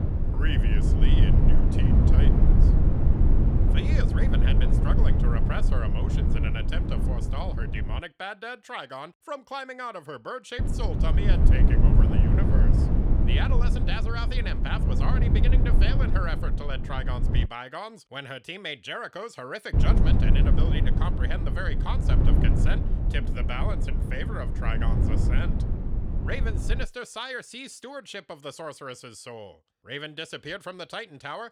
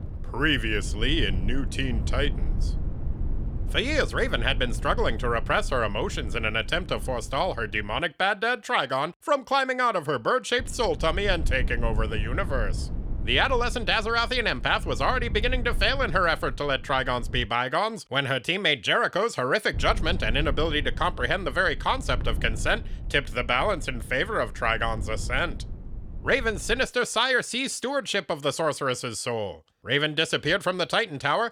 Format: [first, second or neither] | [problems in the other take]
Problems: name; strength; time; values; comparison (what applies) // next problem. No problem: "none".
second | low rumble; loud; until 8 s, from 11 to 17 s and from 20 to 27 s; 2 dB below the speech; faint in the second